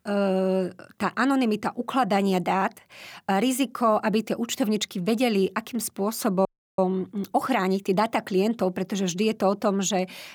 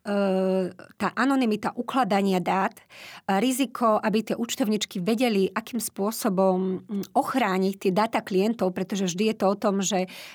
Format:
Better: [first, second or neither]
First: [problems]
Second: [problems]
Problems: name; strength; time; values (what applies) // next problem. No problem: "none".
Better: second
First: audio freezing; at 6.5 s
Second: none